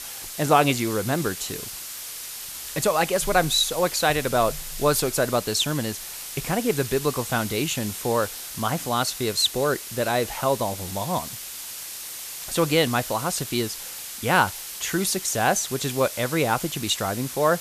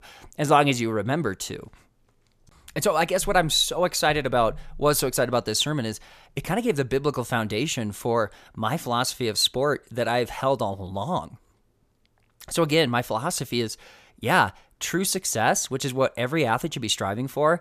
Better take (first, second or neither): second